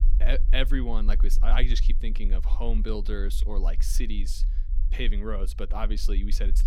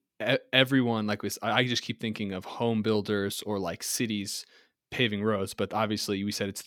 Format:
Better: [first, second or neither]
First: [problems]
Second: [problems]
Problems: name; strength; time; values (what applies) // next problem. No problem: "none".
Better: second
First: low rumble; noticeable; throughout; 20 dB below the speech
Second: none